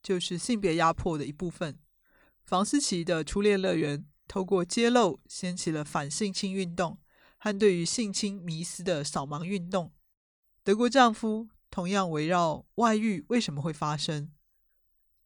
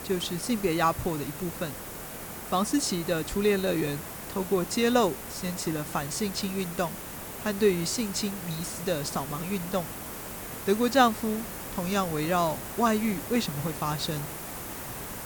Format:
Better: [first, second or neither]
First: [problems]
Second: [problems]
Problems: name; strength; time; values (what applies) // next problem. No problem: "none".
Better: first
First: none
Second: hiss; loud; throughout; 8 dB below the speech